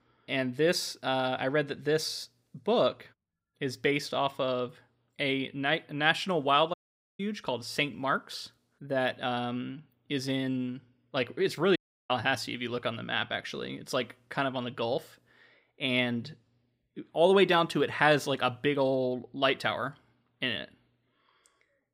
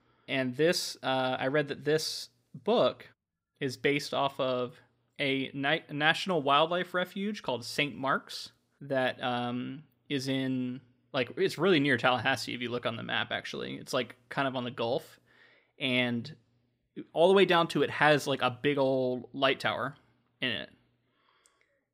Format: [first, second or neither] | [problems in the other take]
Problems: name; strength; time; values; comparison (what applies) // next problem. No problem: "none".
second | audio cutting out; at 6.5 s and at 12 s